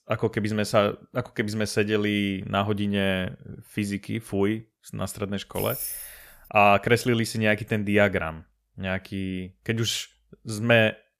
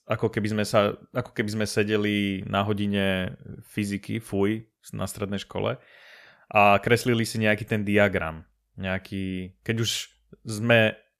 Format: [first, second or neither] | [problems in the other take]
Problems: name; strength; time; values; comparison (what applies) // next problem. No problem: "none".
second | jangling keys; noticeable; at 5.5 s; peak 5 dB below the speech